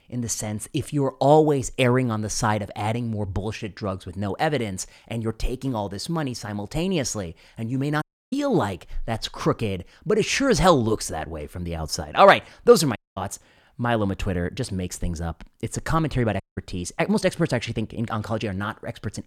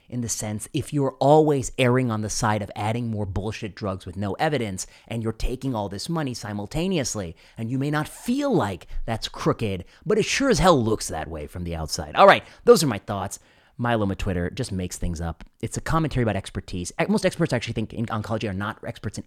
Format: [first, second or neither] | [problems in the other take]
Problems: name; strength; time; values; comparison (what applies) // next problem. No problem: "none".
second | audio cutting out; at 8 s, at 13 s and at 16 s